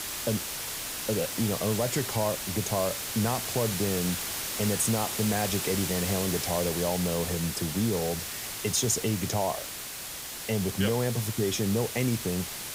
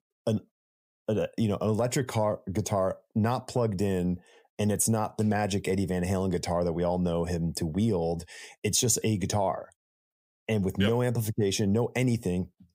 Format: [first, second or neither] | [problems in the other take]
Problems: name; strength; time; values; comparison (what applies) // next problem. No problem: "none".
second | hiss; loud; throughout; 3 dB below the speech